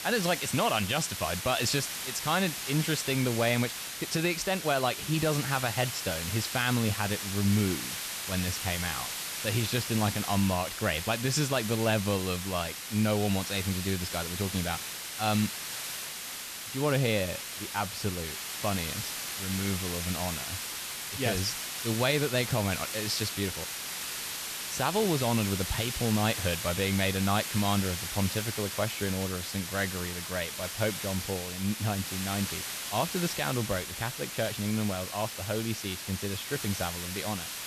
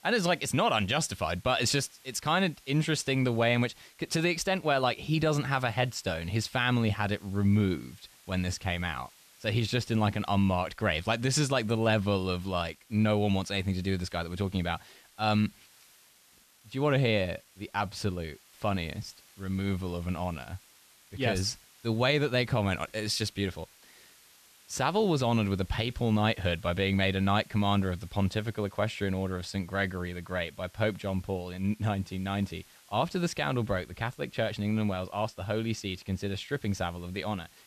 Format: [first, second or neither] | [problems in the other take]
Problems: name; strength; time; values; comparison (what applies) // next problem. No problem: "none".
second | hiss; loud; throughout; 4 dB below the speech; faint in the second